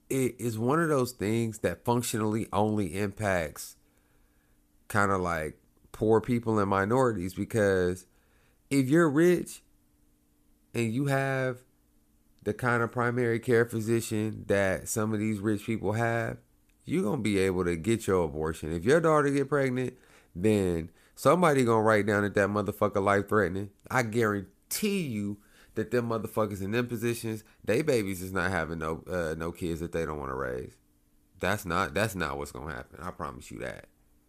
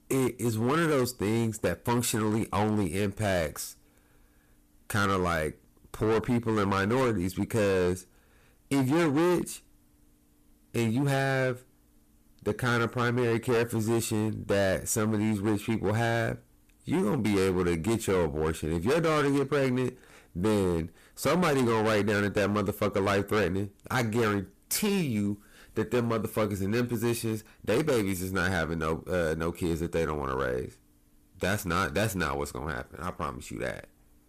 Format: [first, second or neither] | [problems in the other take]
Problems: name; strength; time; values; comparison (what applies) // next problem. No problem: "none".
first | distortion; heavy; 13% of the sound clipped